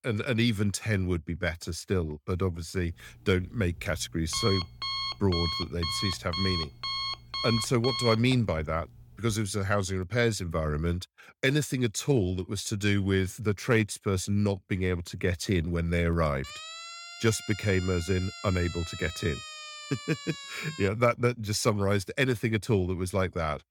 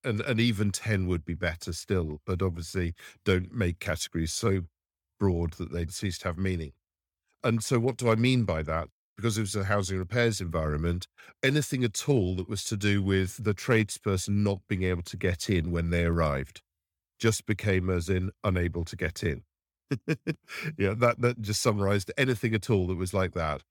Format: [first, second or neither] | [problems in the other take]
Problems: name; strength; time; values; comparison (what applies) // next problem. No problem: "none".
second | alarm; noticeable; from 3 to 9.5 s; peak 1 dB below the speech // siren; faint; from 16 to 21 s; peak 10 dB below the speech